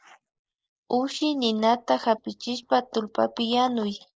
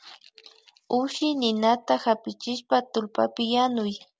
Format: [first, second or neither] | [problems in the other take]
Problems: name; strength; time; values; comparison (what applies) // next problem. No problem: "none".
second | noise reduction (neural mask model Resemble Enhance denoiser)